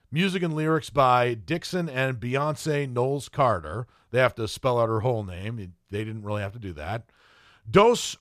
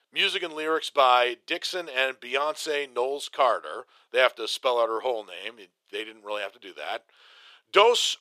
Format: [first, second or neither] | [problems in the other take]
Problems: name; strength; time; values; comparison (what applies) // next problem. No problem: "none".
first | thin; very; fading below 400 Hz